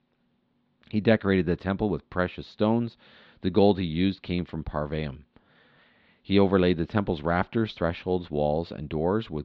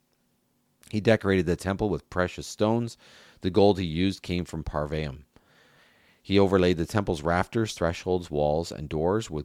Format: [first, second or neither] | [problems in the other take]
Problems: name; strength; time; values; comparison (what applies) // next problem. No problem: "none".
second | muffled; very slightly; fading above 4 kHz